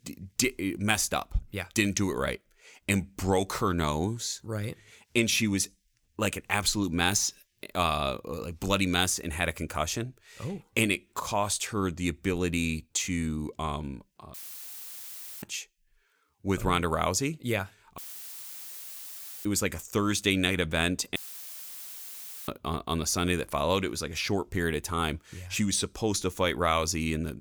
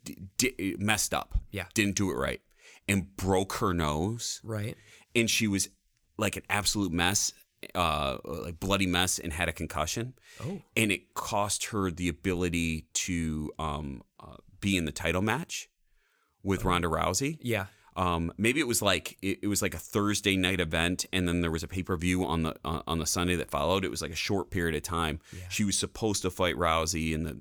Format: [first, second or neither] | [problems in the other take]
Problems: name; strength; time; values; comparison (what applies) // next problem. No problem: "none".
second | audio cutting out; filled with static; at 14 s for 1 s, at 18 s for 1.5 s and at 21 s for 1.5 s